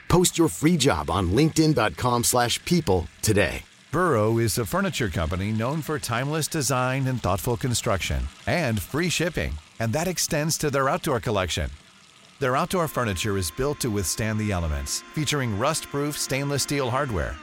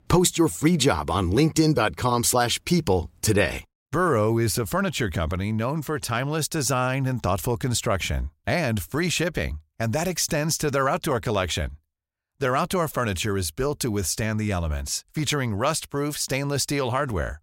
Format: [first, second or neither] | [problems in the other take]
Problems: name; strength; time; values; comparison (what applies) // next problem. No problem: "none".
second | household noises; faint; throughout; 20 dB below the speech